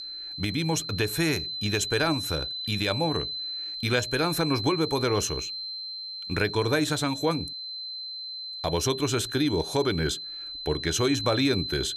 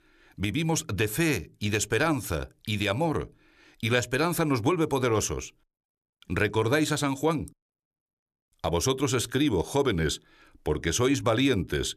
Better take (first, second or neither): second